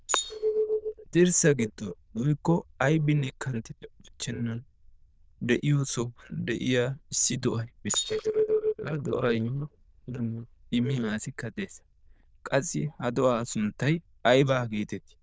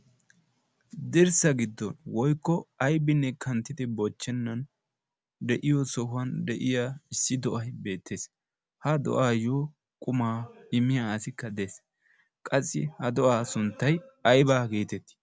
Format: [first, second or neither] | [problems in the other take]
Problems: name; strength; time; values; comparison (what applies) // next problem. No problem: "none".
second | noise reduction (neural diffusion model UNIVERSE++)